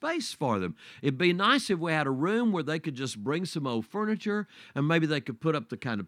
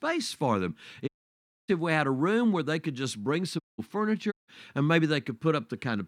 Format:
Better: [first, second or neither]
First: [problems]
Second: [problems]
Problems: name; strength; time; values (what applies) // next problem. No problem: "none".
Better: first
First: none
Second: audio cutting out; at 1 s for 0.5 s, at 3.5 s and at 4.5 s